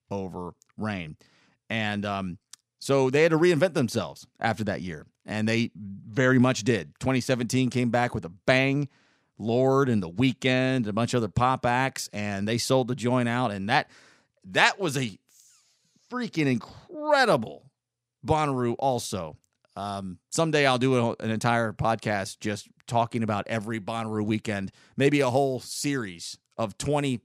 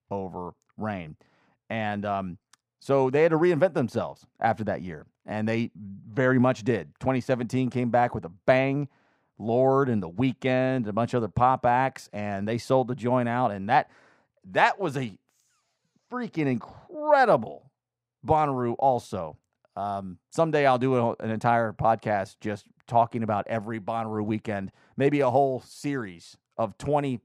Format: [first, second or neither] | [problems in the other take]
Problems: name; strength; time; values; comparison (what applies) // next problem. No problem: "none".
first | muffled; slightly; fading above 2.5 kHz